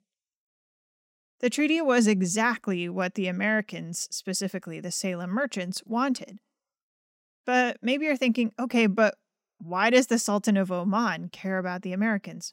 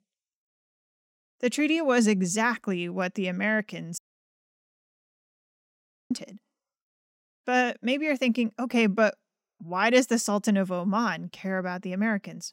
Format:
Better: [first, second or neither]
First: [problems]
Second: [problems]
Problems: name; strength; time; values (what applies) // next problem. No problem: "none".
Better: first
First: none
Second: audio cutting out; at 4 s for 2 s